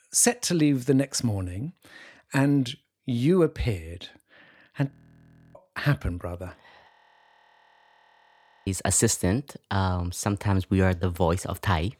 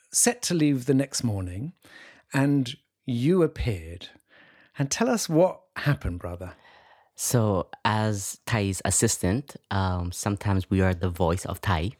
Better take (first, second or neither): second